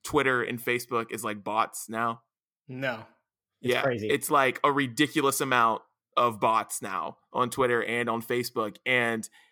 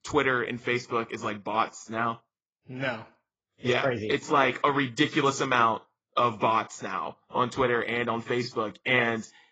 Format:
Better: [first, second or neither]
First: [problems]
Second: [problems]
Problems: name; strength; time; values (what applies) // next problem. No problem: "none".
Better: first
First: none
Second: garbled, watery; badly; nothing above 7.5 kHz